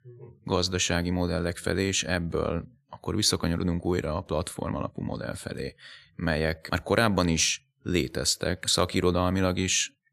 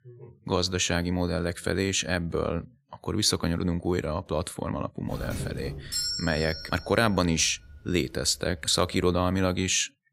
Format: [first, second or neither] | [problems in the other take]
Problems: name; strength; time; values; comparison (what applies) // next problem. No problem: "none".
first | doorbell; noticeable; from 5 to 9 s; peak 1 dB below the speech